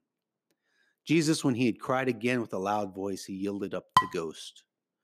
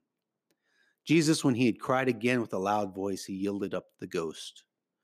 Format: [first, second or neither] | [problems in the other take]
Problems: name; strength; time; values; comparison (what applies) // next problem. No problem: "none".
second | clattering dishes; loud; at 4 s; peak 3 dB above the speech